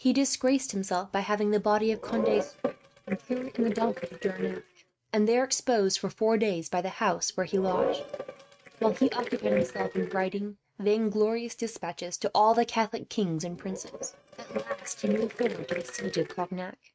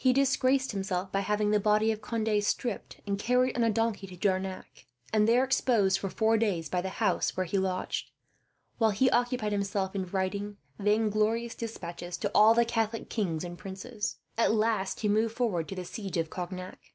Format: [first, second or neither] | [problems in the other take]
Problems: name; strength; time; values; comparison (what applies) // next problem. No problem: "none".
second | noise reduction (neural mask model RNNoise)